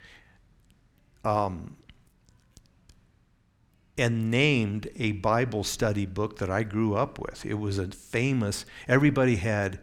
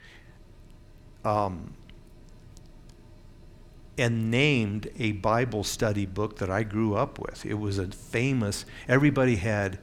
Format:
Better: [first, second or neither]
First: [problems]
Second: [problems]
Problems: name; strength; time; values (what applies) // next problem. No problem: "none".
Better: first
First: none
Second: machinery noise; faint; throughout; 25 dB below the speech